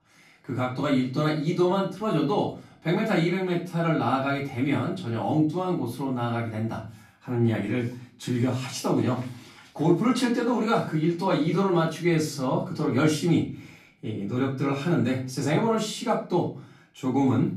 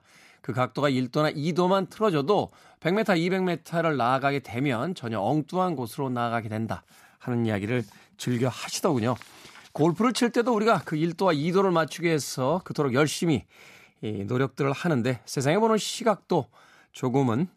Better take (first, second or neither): second